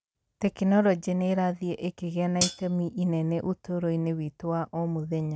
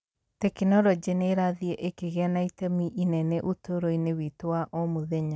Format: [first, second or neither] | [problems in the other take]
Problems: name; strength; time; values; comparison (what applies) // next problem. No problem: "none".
second | background sound (Hi-hat); 3 dB below the speech